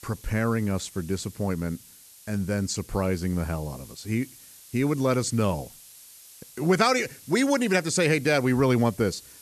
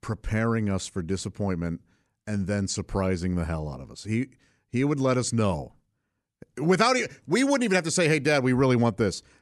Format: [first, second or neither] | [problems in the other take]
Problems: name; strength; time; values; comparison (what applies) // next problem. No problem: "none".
second | hiss; faint; throughout; 20 dB below the speech